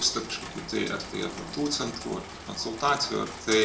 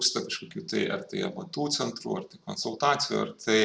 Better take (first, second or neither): second